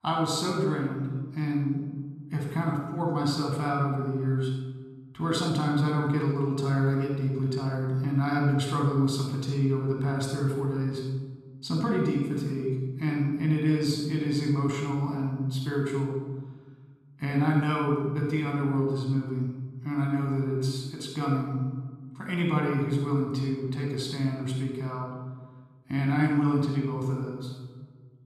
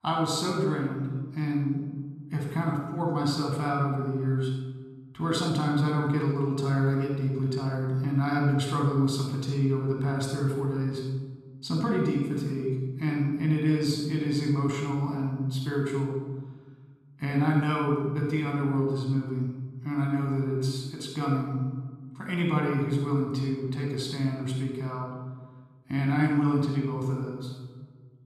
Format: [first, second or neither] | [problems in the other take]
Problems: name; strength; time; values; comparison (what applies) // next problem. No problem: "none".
neither | off-mic speech; somewhat distant; the same in both // room echo; noticeable; dies away in 1.3 s; the same in both